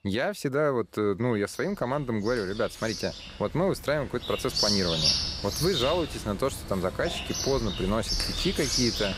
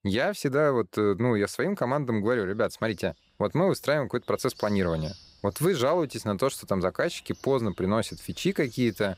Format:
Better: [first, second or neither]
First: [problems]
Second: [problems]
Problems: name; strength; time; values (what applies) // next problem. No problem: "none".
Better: second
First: animal sounds; loud; throughout; as loud as the speech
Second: animal sounds; faint; throughout; 25 dB below the speech